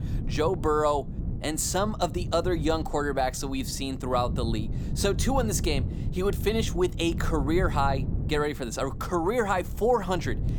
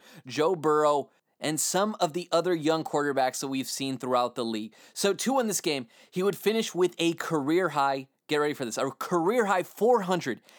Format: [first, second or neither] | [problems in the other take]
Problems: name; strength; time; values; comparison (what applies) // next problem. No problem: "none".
second | wind noise on the microphone; occasional gusts; 15 dB below the speech